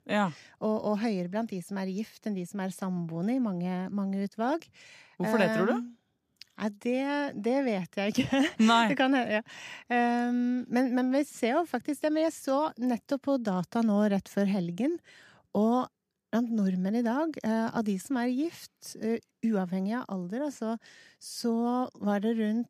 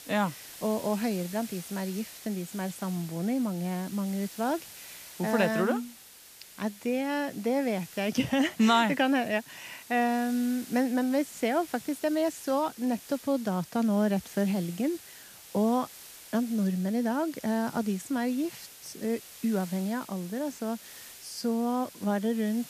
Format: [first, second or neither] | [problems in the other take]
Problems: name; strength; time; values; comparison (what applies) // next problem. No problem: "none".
first | hiss; noticeable; throughout; 15 dB below the speech